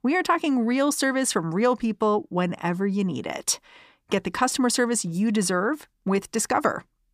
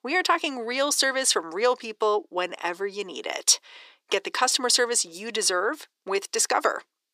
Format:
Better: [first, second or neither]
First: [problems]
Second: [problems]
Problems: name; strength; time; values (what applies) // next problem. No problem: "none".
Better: first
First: none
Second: thin; very; fading below 400 Hz